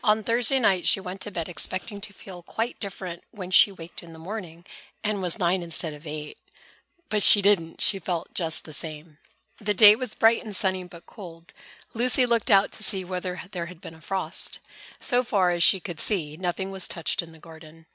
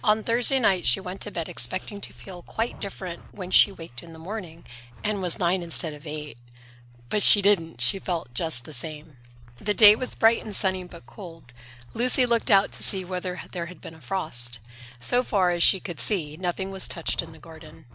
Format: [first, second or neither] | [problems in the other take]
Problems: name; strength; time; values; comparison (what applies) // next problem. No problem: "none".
first | background sound (Zipper (clothing)); 18 dB below the speech